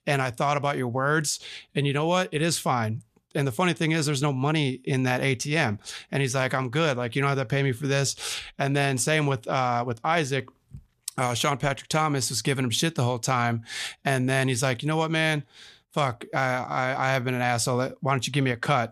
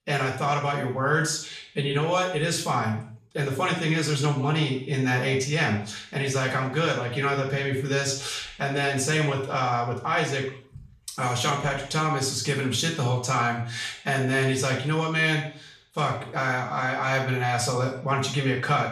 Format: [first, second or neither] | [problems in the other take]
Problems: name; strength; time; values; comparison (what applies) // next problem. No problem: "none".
first | room echo; noticeable; dies away in 0.5 s // off-mic speech; far